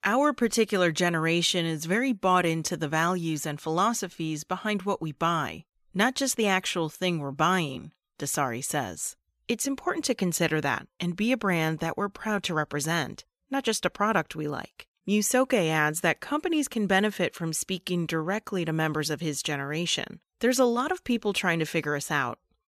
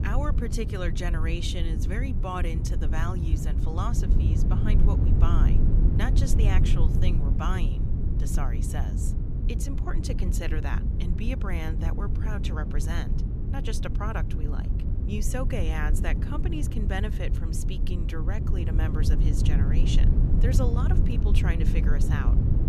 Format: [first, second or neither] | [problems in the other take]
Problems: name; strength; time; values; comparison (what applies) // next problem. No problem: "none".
first | low rumble; loud; throughout; 3 dB below the speech